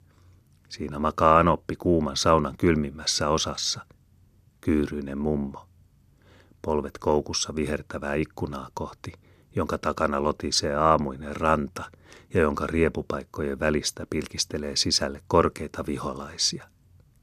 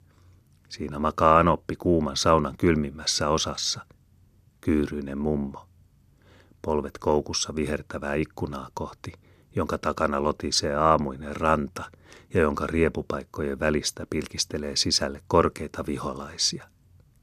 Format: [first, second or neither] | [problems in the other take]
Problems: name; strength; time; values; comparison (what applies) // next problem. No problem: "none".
neither | none